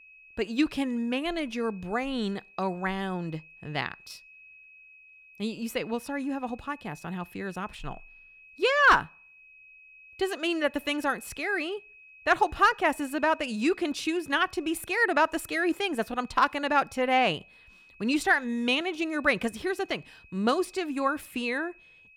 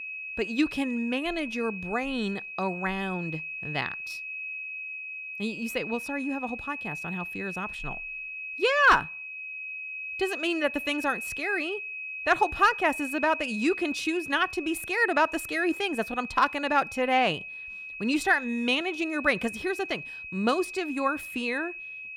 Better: first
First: high-pitched whine; faint; throughout; 2.5 kHz, 25 dB below the speech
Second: high-pitched whine; loud; throughout; 2.5 kHz, 8 dB below the speech

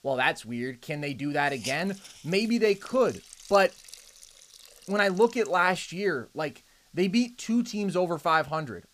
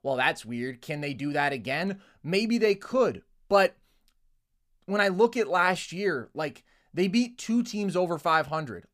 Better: second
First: hiss; noticeable; throughout; 20 dB below the speech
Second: none

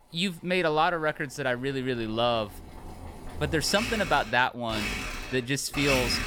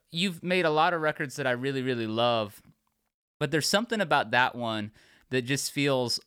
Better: second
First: household noises; loud; throughout; 6 dB below the speech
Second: none

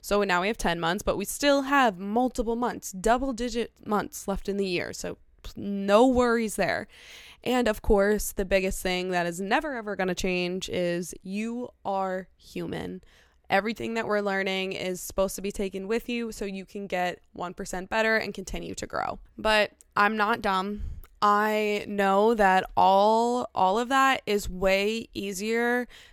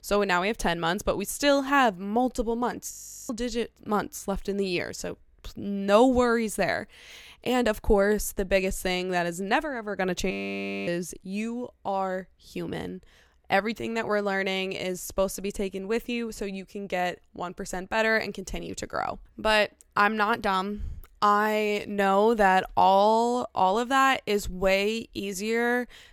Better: first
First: none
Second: audio freezing; at 3 s and at 10 s for 0.5 s

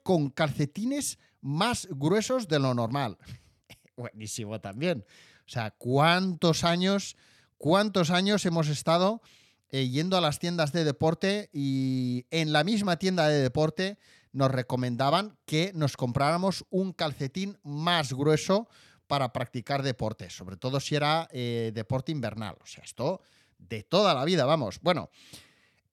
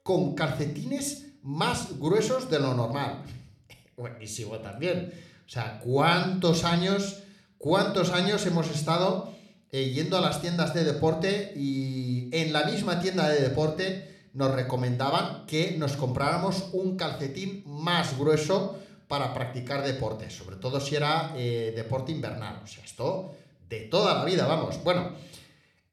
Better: first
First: none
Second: room echo; slight; dies away in 0.5 s

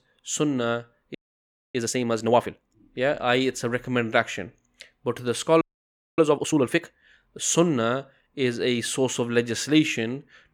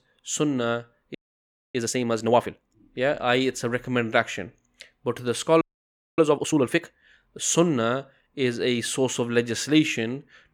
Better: neither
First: audio freezing; at 1 s for 0.5 s and at 5.5 s for 0.5 s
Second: audio freezing; at 1 s for 0.5 s and at 5.5 s for 0.5 s

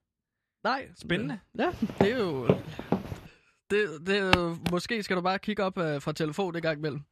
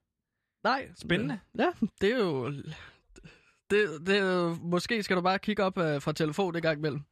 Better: second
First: footsteps; loud; from 1.5 to 3 s; peak 1 dB above the speech // footsteps; very faint; at 4.5 s; peak 3 dB above the speech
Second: none

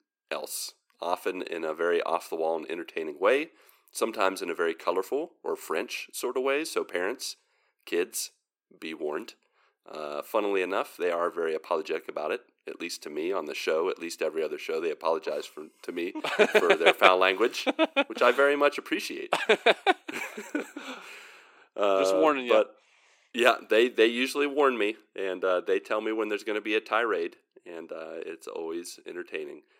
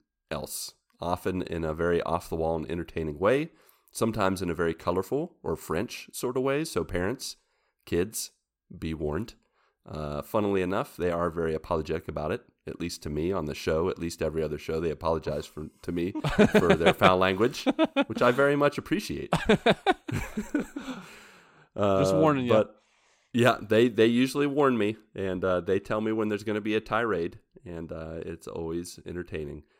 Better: second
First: thin; somewhat; fading below 300 Hz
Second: none

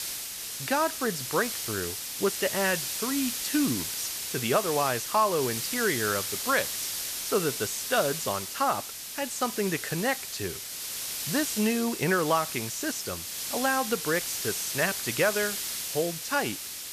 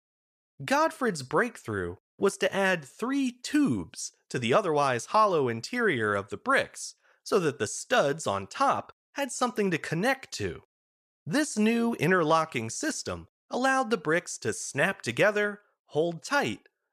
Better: second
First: hiss; loud; throughout; 3 dB below the speech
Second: none

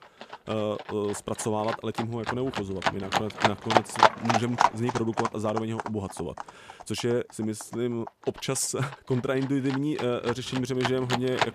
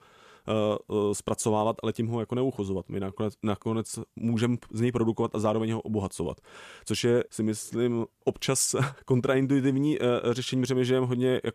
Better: second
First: animal sounds; very loud; throughout; 1 dB above the speech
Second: none

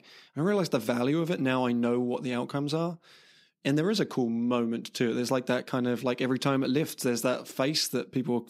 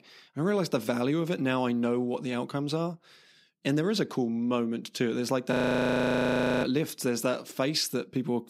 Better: first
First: none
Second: audio freezing; at 5.5 s for 1 s

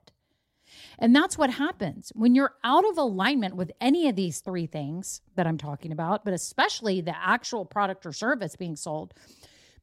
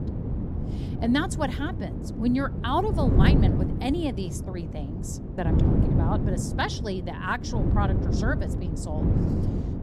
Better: first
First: none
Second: wind noise on the microphone; heavy; 5 dB below the speech

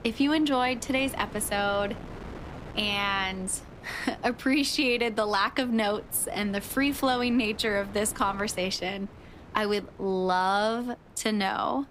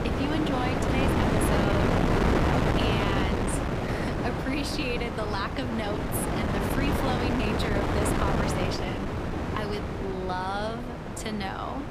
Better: first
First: wind noise on the microphone; occasional gusts; 20 dB below the speech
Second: wind noise on the microphone; heavy; 3 dB above the speech

